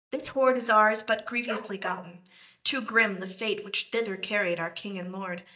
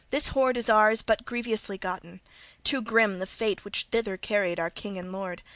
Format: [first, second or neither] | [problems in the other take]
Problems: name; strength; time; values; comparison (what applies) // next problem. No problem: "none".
second | noise reduction (neural mask model DeepFilterNet 3)